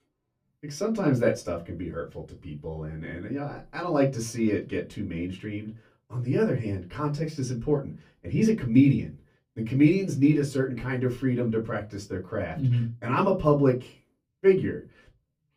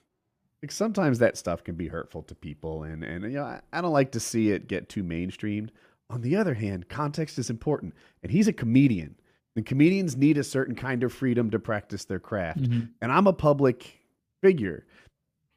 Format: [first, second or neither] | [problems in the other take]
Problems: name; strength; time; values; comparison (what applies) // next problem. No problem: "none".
second | off-mic speech; far // room echo; very slight; dies away in 0.2 s